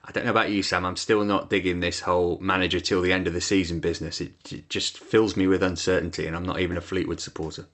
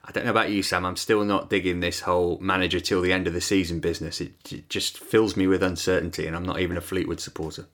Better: second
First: garbled, watery; slightly; nothing above 8 kHz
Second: none

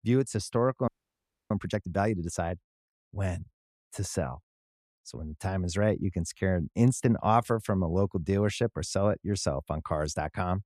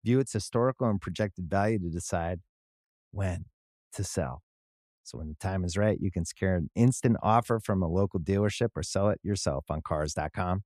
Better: second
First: audio freezing; at 1 s for 0.5 s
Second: none

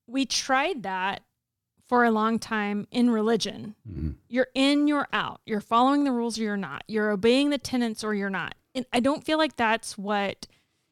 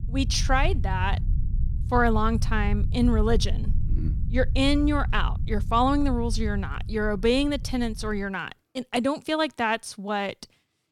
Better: first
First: none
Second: low rumble; noticeable; until 8 s; 20 dB below the speech

